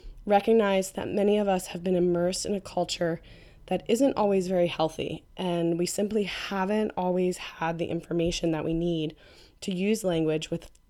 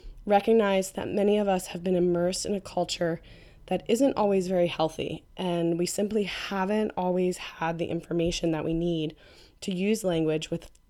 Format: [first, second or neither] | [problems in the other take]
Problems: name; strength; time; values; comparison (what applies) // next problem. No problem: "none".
neither | none